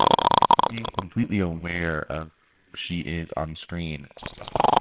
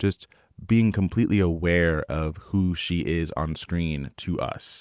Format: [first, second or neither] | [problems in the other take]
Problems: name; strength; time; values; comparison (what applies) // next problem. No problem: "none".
second | noise reduction (neural separator model SepFormer WHAMR!)